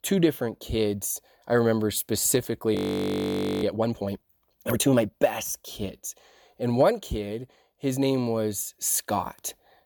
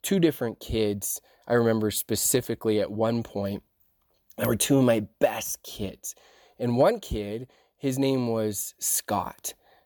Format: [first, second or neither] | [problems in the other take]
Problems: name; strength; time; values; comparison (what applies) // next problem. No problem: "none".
second | audio freezing; at 3 s for 1 s